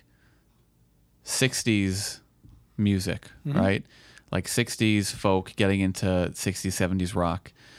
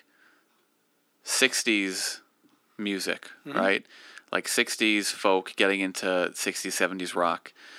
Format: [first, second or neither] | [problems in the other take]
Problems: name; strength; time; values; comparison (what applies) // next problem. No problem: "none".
first | thin; somewhat; fading below 250 Hz